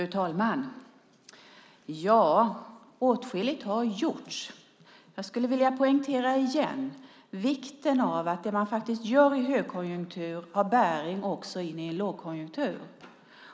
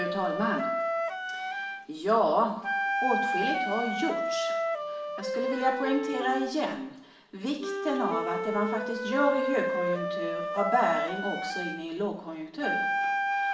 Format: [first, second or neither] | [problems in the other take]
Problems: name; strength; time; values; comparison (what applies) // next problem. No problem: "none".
first | background sound (Wind instrument, woodwind instrument); 1 dB below the speech // room echo; dies away in 0.5 s